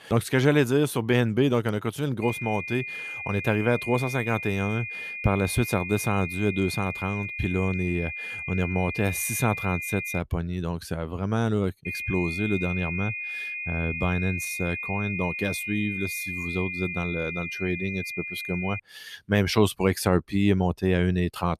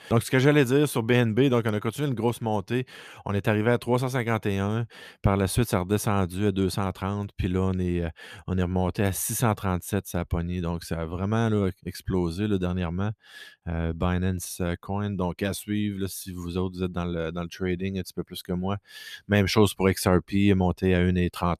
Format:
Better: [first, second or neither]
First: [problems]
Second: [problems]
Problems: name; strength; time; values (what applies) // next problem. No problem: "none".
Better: second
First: high-pitched whine; loud; from 2 to 10 s and from 12 to 19 s; 2.5 kHz, 5 dB below the speech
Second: none